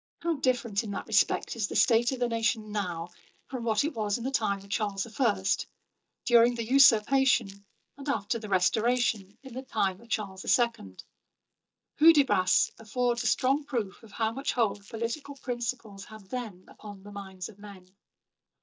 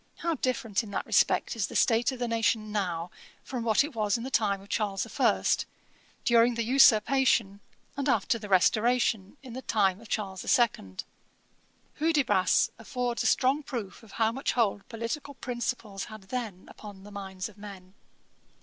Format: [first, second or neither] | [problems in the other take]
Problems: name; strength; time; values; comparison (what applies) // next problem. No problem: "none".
second | noise reduction (neural mask model DeepFilterNet 3)